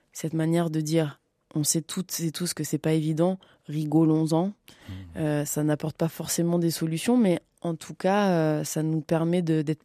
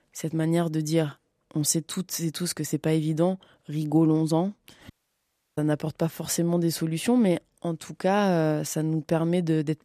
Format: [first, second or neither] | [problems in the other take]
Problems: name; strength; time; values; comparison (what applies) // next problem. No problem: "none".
first | audio cutting out; at 5 s for 0.5 s